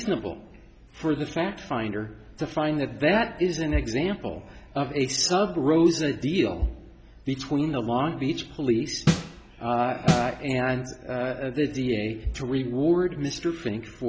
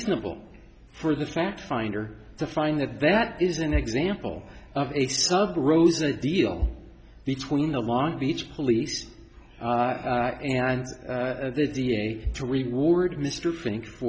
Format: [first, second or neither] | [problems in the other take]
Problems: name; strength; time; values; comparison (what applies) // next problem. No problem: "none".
second | background sound (Snare drum); 2 dB below the speech